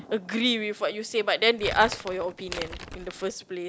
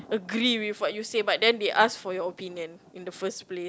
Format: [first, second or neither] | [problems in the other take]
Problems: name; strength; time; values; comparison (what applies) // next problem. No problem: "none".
second | background sound (Crumpling, crinkling); 11 dB below the speech